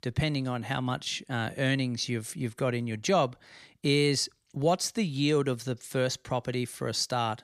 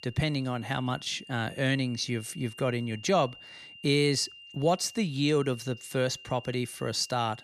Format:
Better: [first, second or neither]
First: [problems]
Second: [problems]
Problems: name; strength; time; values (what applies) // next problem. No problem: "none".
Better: first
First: none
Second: high-pitched whine; noticeable; throughout; 3 kHz, 20 dB below the speech